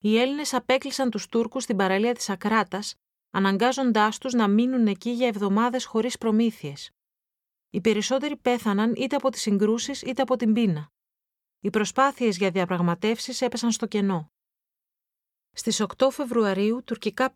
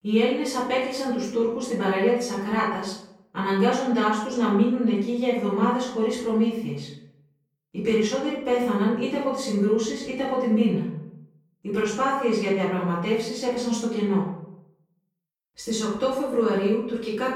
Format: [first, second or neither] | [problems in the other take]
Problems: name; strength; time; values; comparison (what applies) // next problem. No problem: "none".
first | room echo; noticeable; dies away in 0.7 s // off-mic speech; far